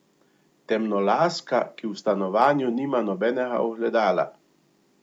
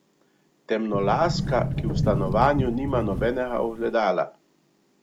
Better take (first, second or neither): first